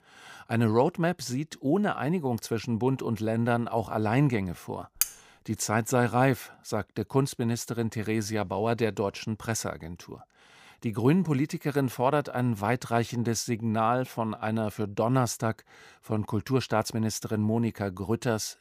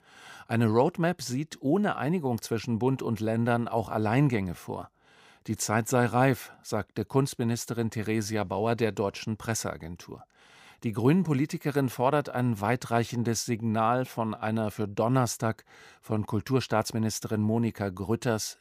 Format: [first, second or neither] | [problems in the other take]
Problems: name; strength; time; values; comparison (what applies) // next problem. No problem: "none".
second | clattering dishes; very faint; at 5 s; peak 1 dB below the speech